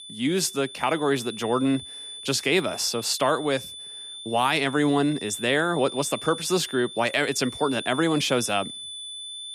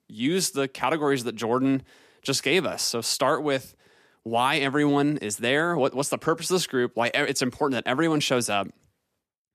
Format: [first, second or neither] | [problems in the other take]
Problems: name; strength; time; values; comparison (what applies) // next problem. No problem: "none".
second | high-pitched whine; noticeable; throughout; 3.5 kHz, 10 dB below the speech